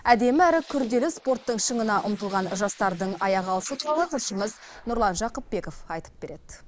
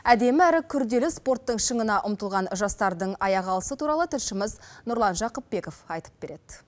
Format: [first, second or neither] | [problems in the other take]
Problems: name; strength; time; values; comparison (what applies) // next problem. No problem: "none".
second | noise reduction (neural mask model Resemble Enhance denoiser)